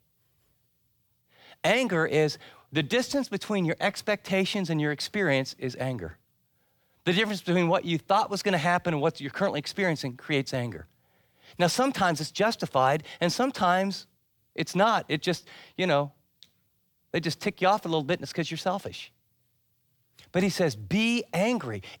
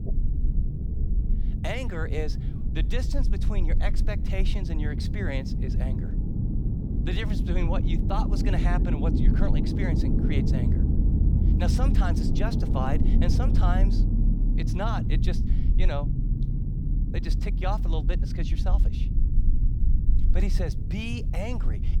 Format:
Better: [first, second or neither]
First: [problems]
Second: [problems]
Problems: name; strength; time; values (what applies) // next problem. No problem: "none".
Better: first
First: none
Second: low rumble; loud; throughout; 3 dB below the speech